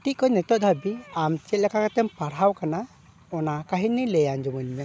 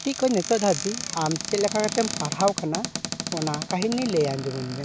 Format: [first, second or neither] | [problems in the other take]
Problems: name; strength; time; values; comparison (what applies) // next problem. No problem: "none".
first | background sound (Cupboard open or close); 7 dB below the speech